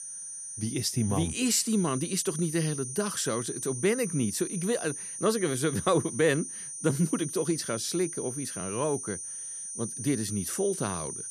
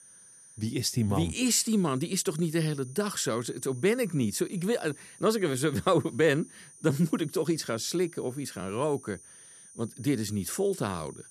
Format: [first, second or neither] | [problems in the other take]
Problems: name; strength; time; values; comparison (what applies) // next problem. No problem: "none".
second | high-pitched whine; loud; throughout; 9 kHz, 6 dB below the speech; faint in the second